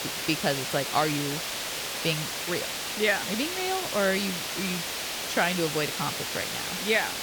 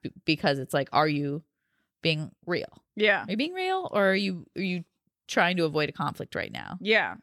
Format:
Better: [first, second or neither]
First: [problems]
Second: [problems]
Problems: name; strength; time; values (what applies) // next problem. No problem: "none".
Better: second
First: hiss; loud; throughout; 1 dB below the speech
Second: none